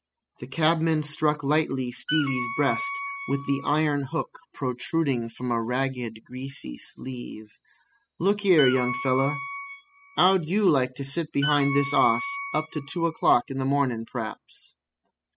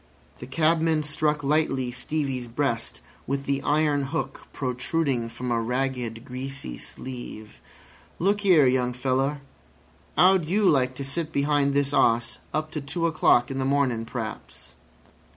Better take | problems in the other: second | noise reduction (classical method spectral subtraction)

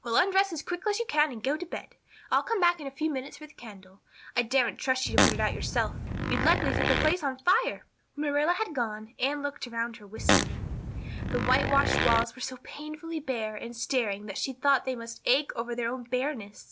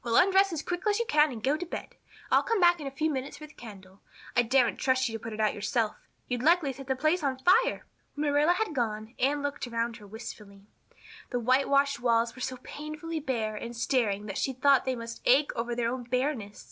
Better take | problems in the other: second | background sound (Fart); 2 dB above the speech

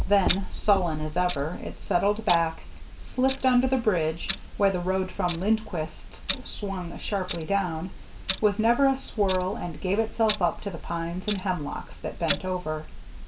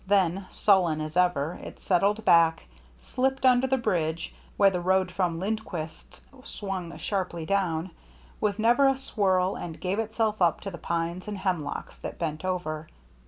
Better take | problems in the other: second | background sound (Clock); 7 dB below the speech // room echo; dies away in 0.2 s

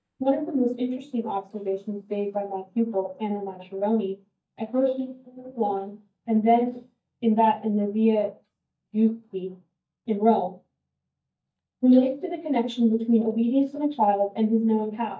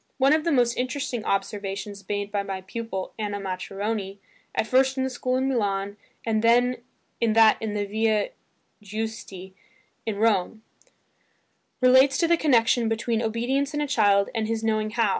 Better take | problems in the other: second | noise reduction (neural mask model DeepFilterNet 3)

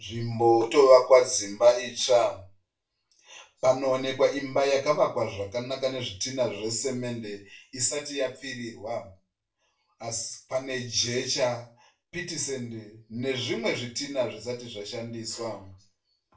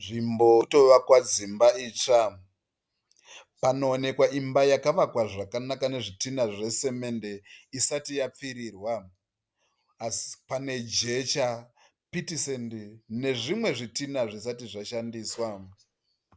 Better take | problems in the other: second | room echo; dies away in 0.3 s

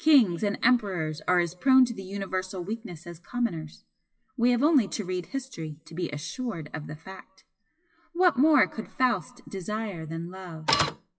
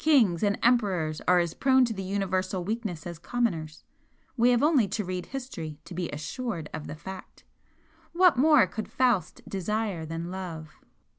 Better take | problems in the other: second | noise reduction (classical method WPE with log-MMSE)

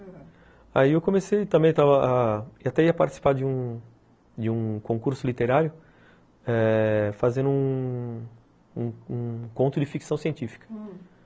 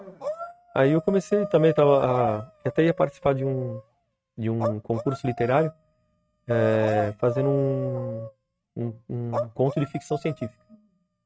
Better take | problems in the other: first | noise reduction (neural mask model RNNoise)

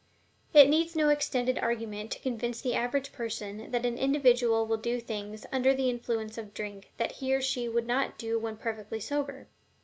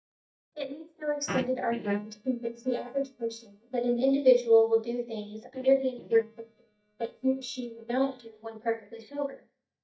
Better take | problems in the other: first | noise reduction (neural mask model DeepFilterNet 3)

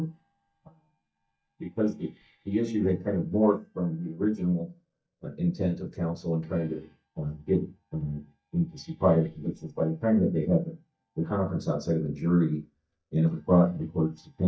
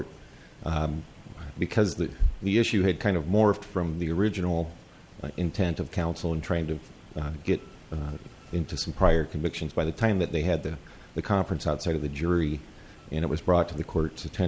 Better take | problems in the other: second | noise reduction (neural mask model DeepFilterNet 3)

